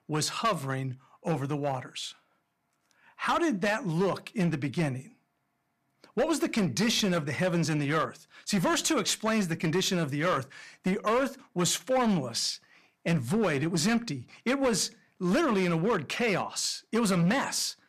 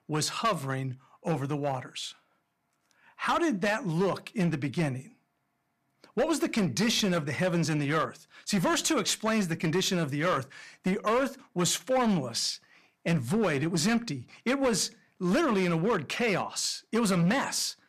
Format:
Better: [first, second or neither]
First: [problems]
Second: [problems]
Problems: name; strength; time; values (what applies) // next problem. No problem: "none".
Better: neither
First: distortion; slight; 8% of the sound clipped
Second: distortion; slight; 8% of the sound clipped